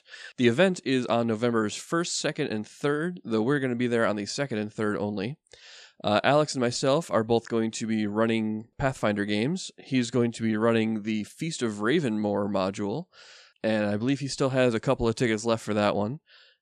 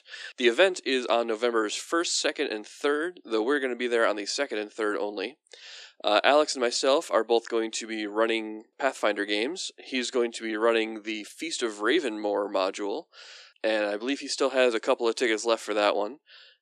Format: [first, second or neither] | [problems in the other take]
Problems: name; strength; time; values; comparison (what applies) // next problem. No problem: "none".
first | thin; somewhat; fading below 300 Hz